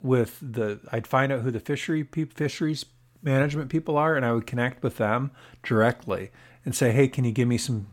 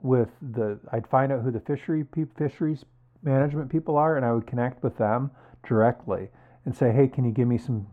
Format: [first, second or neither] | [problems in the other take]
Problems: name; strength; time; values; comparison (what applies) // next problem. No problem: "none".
first | muffled; very; fading above 2 kHz